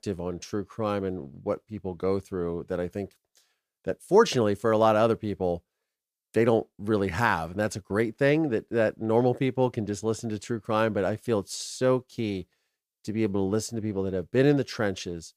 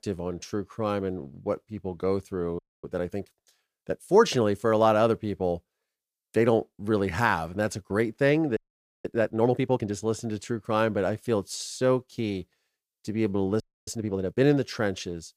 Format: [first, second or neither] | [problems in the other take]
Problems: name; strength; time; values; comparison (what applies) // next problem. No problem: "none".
first | audio freezing; at 2.5 s, at 8.5 s and at 14 s